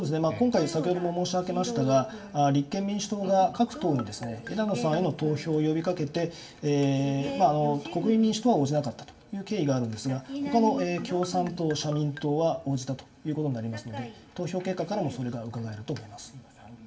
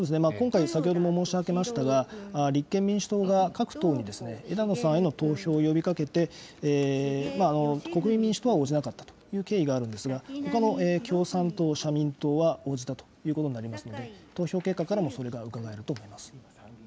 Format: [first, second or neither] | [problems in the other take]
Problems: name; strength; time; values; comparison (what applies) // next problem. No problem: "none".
second | background sound (Marimba, xylophone); 20 dB below the speech // room echo; dies away in 0.4 s